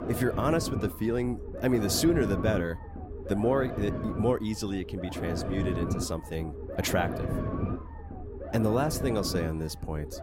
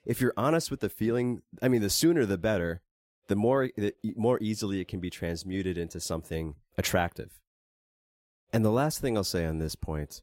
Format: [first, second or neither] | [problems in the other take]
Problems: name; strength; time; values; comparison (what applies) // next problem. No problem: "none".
second | low rumble; loud; throughout; 7 dB below the speech